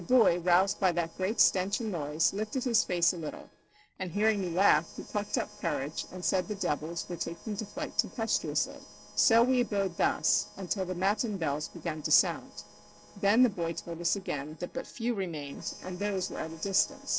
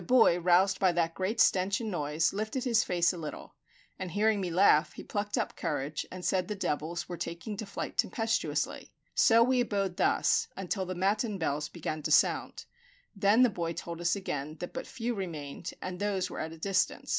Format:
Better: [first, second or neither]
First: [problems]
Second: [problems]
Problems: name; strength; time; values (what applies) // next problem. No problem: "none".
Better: second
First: noise reduction (neural separator model SepFormer DNS4)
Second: none